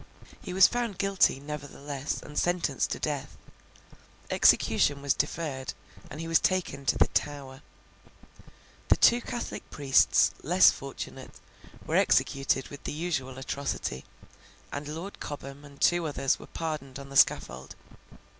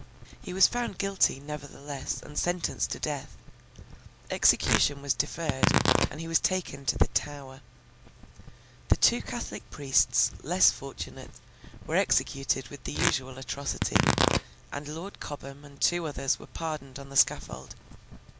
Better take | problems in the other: first | background sound (Tearing); 4 dB below the speech

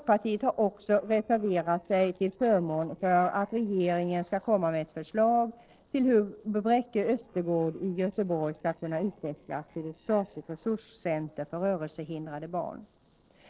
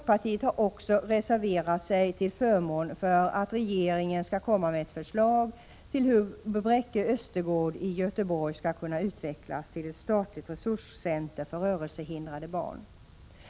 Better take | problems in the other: second | noise reduction (neural separator model SepFormer DNS4)

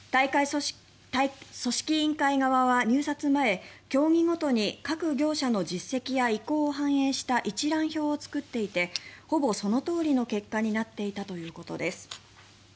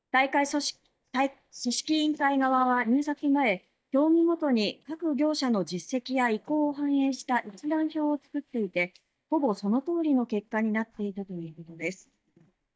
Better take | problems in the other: first | noise reduction (neural mask model DeepFilterNet 3)

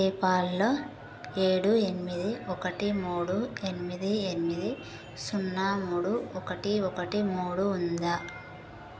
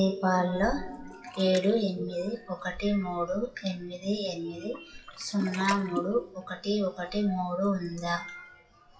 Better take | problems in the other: first | noise reduction (classical method WPE with log-MMSE)

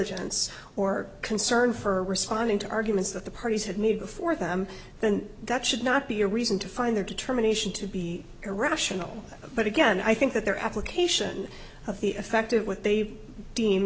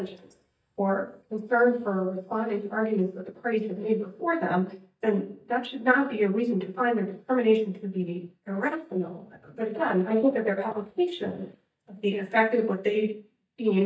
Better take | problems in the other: first | noise reduction (neural mask model DeepFilterNet 3)

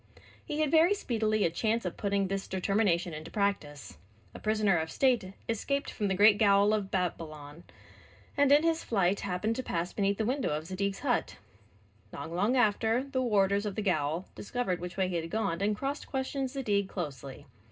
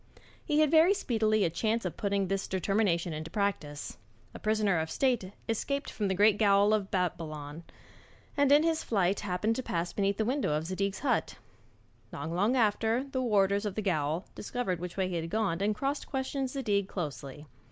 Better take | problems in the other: second | room echo; dies away in 0.2 s

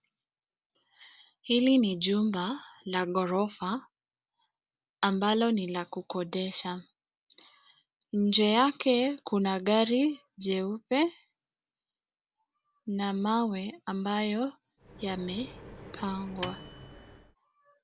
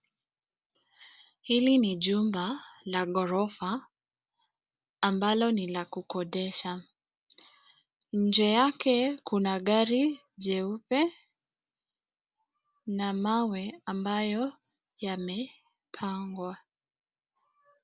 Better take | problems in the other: second | background sound (Microwave oven); 14 dB below the speech

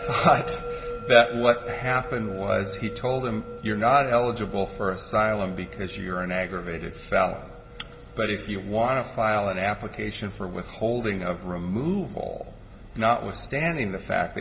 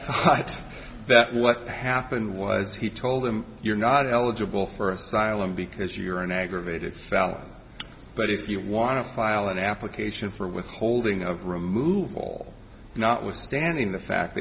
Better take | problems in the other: second | background sound (Musical instrument); 15 dB below the speech // room echo; dies away in 1 s

